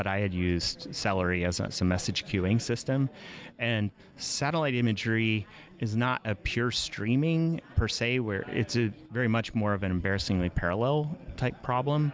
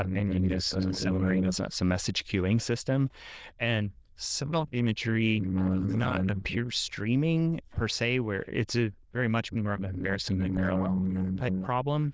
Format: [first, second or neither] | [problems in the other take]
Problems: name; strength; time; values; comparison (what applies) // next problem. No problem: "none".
first | noise reduction (neural diffusion model UNIVERSE++)